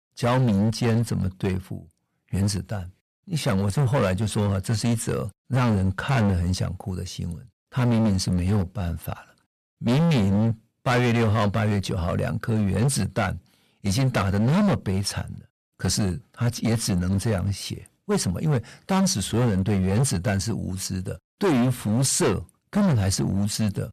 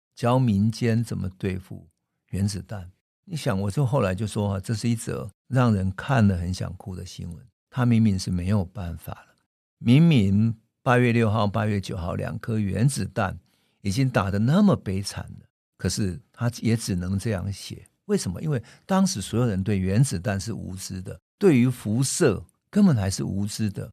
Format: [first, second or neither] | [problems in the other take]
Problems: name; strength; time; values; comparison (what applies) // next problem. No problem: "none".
second | distortion; heavy; 16% of the sound clipped